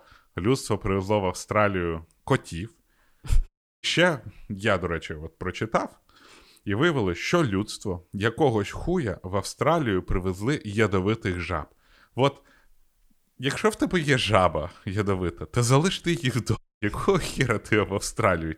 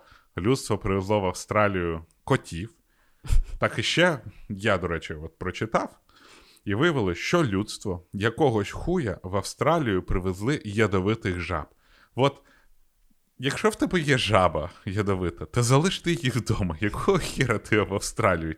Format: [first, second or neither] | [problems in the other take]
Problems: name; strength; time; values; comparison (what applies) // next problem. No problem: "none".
second | audio cutting out; at 3.5 s and at 17 s